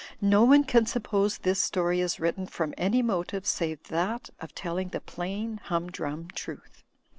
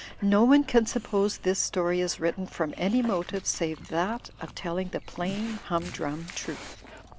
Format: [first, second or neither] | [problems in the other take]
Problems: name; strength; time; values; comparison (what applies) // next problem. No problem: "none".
first | background sound (Dog); 18 dB below the speech